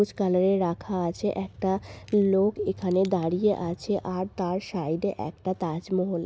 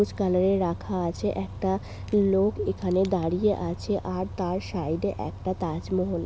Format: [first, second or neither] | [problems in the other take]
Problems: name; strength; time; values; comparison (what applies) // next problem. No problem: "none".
first | background sound (Bus); 12 dB below the speech